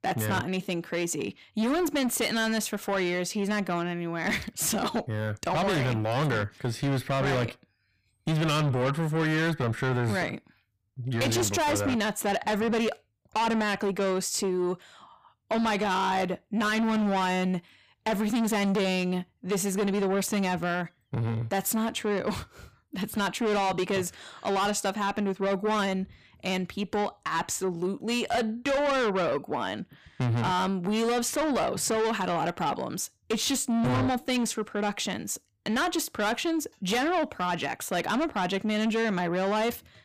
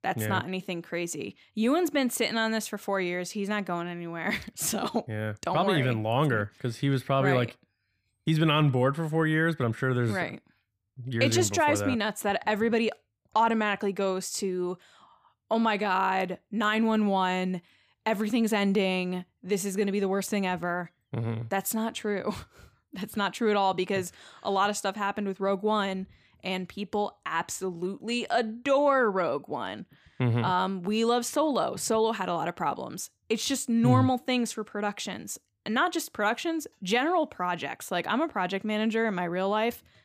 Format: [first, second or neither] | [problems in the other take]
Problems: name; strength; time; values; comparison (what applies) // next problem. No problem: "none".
second | distortion; heavy; 7 dB below the speech